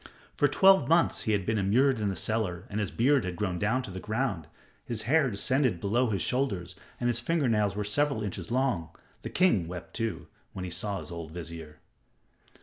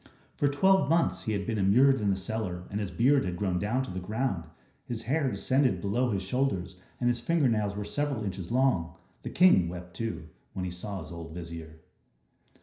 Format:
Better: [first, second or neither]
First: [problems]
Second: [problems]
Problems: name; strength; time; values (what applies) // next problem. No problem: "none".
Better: first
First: none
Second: room echo; dies away in 0.5 s